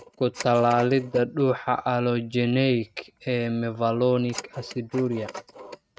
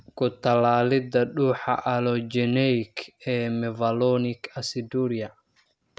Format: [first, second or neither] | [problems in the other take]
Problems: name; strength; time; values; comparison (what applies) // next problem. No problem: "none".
second | noise reduction (neural mask model RNNoise)